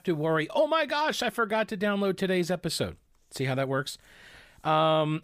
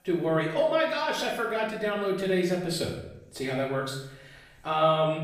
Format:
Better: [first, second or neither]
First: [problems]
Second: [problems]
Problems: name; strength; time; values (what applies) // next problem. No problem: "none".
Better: first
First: none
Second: room echo; noticeable; dies away in 0.7 s // off-mic speech; far